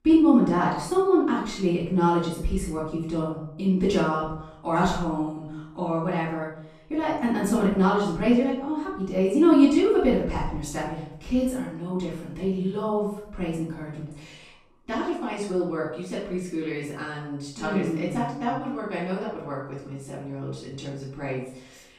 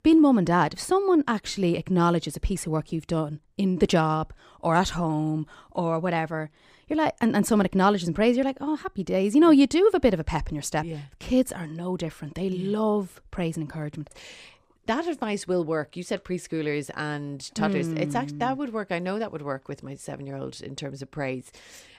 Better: second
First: off-mic speech; far // room echo; noticeable; dies away in 0.6 s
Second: none

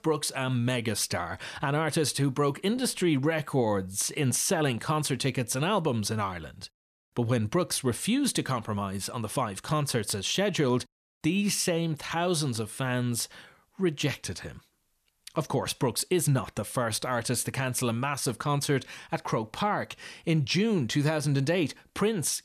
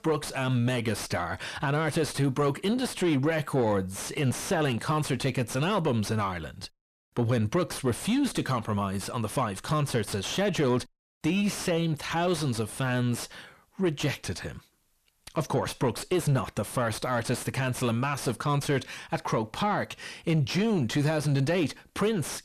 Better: first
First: none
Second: distortion; slight; 9 dB below the speech

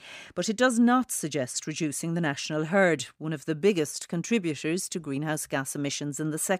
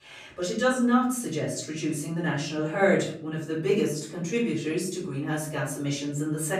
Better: first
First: none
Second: off-mic speech; far // room echo; noticeable; dies away in 0.6 s

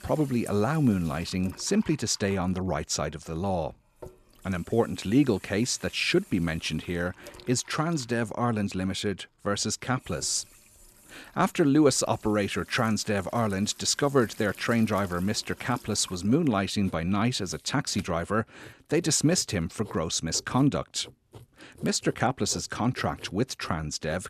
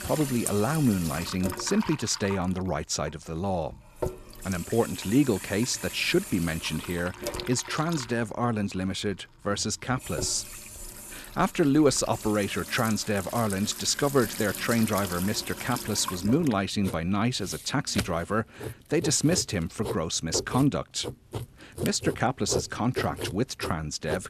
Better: first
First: household noises; faint; throughout; 25 dB below the speech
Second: household noises; loud; throughout; 10 dB below the speech

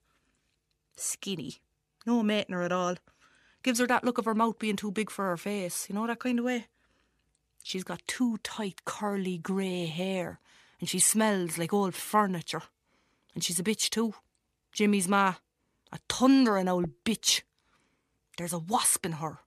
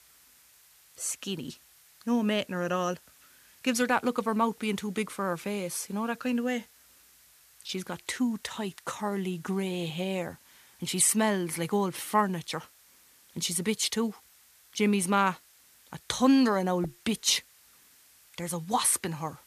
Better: first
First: none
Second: hiss; faint; throughout; 25 dB below the speech

